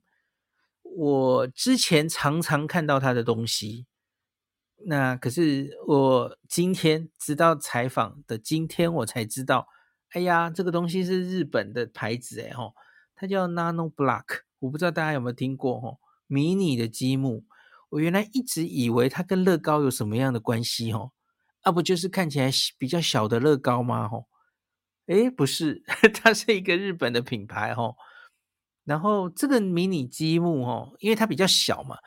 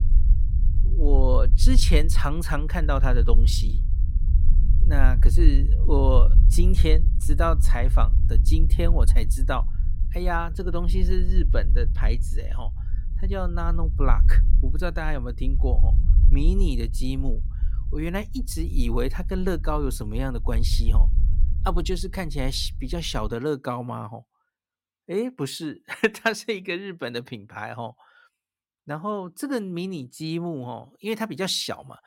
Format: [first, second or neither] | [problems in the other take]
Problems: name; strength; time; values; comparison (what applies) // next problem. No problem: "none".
first | low rumble; noticeable; until 23 s; 15 dB below the speech